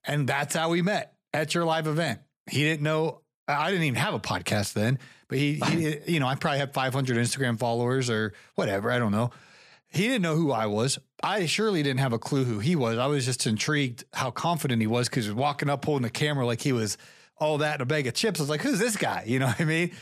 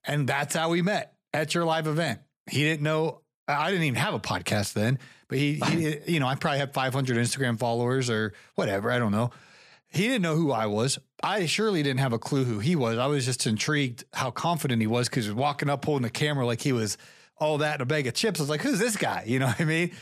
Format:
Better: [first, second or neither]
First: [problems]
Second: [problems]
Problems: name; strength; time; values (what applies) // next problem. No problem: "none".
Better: neither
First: none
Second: none